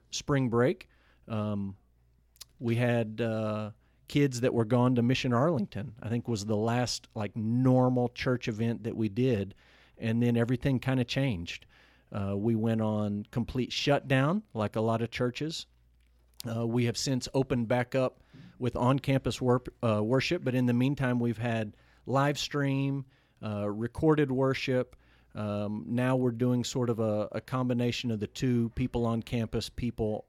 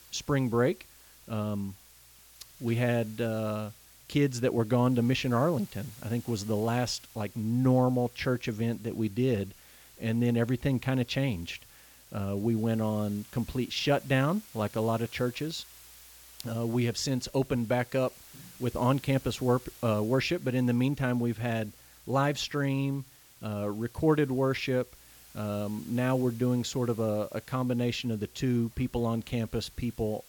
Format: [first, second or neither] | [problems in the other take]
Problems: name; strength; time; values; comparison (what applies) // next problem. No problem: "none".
first | hiss; faint; throughout; 20 dB below the speech